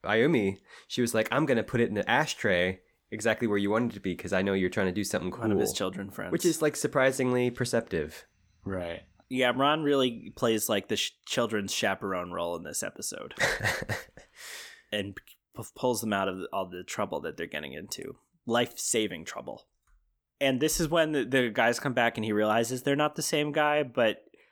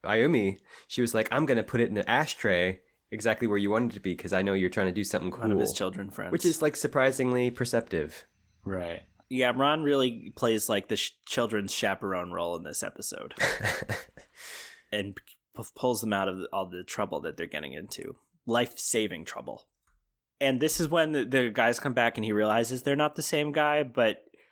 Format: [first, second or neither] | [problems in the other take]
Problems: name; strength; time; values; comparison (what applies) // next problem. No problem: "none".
first | garbled, watery; slightly